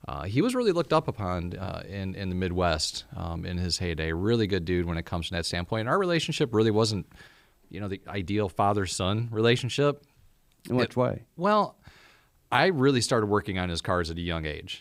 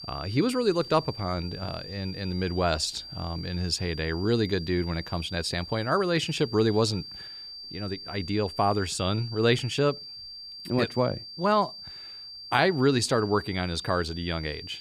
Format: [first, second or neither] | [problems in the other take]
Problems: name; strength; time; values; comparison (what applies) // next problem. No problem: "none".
first | high-pitched whine; noticeable; throughout; 4.5 kHz, 10 dB below the speech